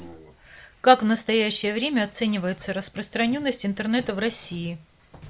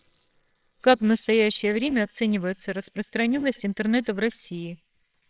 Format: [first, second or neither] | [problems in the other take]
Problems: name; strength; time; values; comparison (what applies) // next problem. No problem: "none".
first | noise reduction (neural separator model SepFormer WHAMR!)